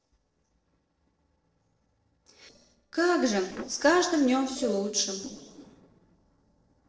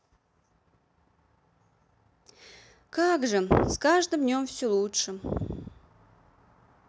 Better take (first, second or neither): second